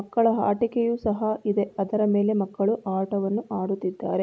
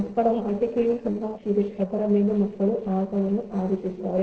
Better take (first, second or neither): first